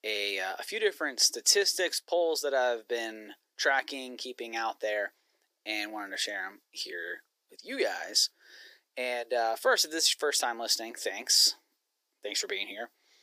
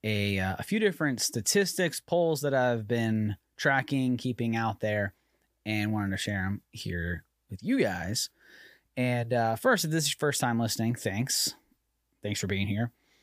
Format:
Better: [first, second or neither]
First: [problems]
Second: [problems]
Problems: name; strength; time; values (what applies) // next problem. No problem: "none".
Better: second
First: thin; very; fading below 350 Hz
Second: none